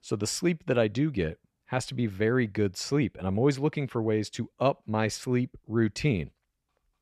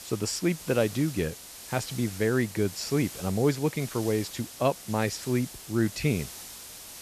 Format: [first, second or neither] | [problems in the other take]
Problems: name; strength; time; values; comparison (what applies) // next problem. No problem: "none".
first | hiss; noticeable; throughout; 10 dB below the speech